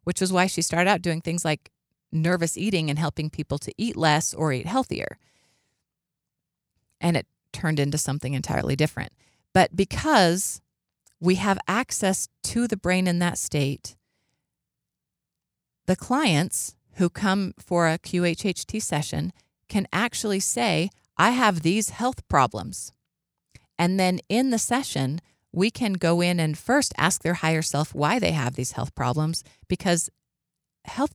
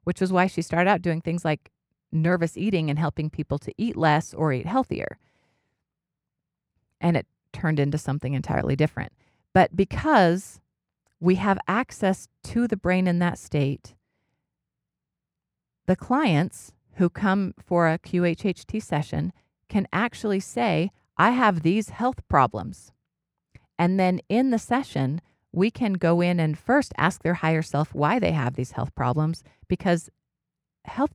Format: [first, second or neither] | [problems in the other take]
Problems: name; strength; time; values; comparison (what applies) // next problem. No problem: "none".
first | muffled; slightly; fading above 3.5 kHz